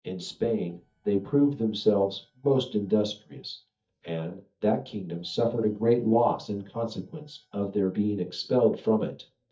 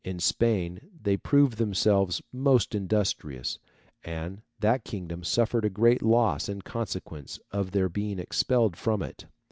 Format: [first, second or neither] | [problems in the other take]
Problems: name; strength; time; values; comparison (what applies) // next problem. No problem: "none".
second | noise reduction (neural mask model DeepFilterNet 3)